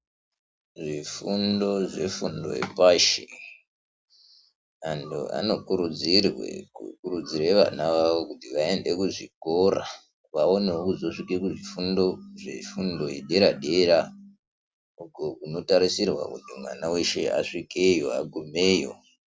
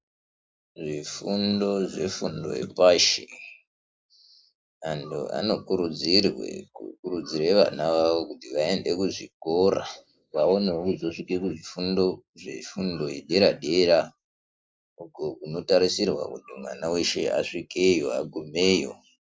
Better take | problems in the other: first | noise reduction (neural mask model Resemble Enhance denoiser)

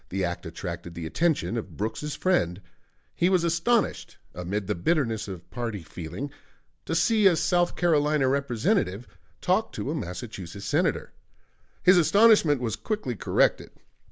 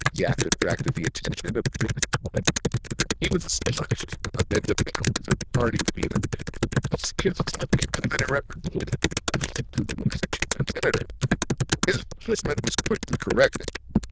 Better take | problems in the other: first | noise reduction (neural diffusion model UNIVERSE++)

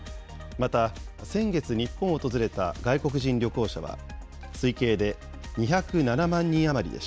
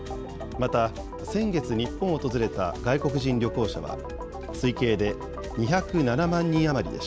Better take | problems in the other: first | background sound (Organ); 10 dB below the speech

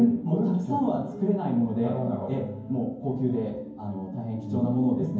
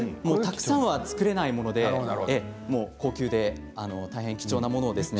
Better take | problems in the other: second | room echo; dies away in 0.9 s

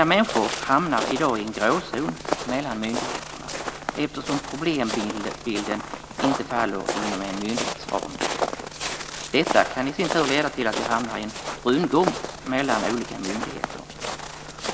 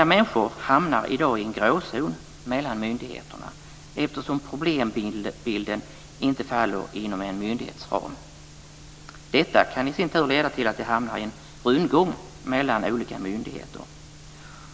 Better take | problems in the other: second | background sound (Walk, footsteps); 5 dB below the speech

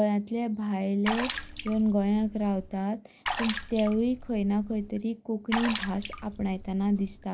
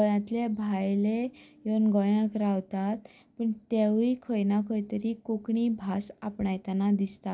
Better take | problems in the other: second | background sound (Water / Splash, splatter); 9 dB below the speech

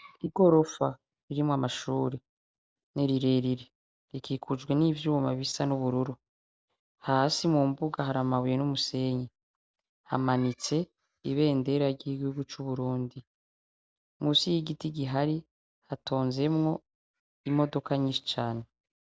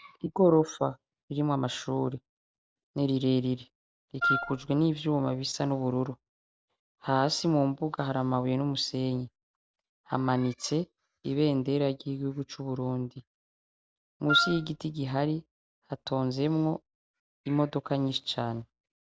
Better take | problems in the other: first | background sound (Wind instrument, woodwind instrument); as loud as the speech

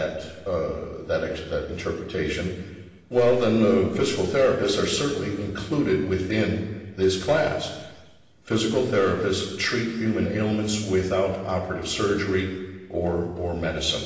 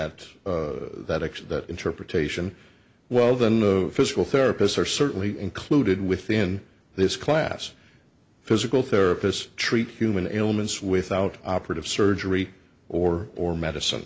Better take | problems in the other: second | room echo; dies away in 1.3 s

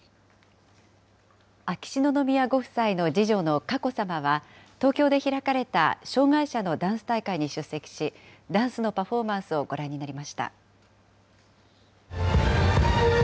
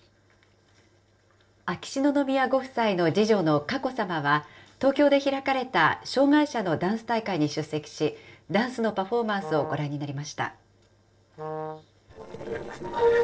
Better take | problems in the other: first | noise reduction (neural separator model SepFormer DNS4)

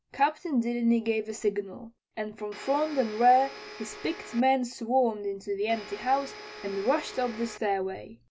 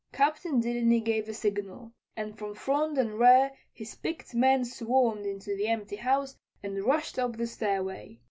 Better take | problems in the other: second | background sound (Domestic sounds, home sounds); 14 dB below the speech

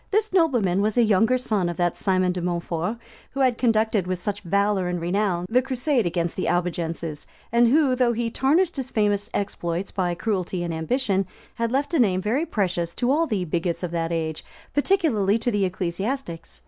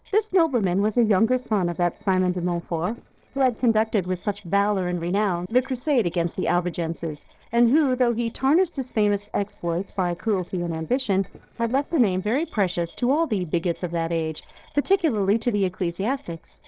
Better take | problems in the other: first | noise reduction (neural separator model SepFormer DNS4)

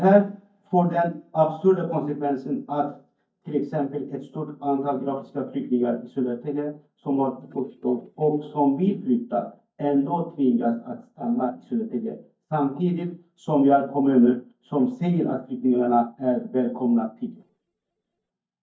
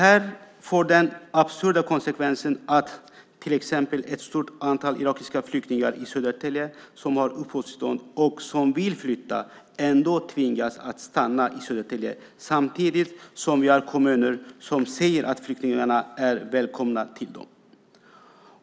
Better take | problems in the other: second | noise reduction (neural mask model DeepFilterNet 3)

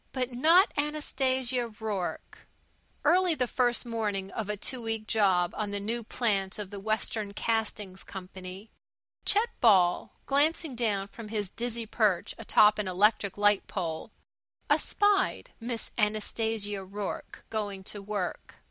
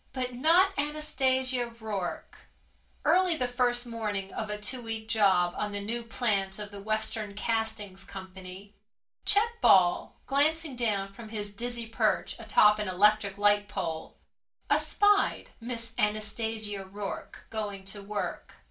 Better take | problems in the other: first | room echo; dies away in 0.3 s

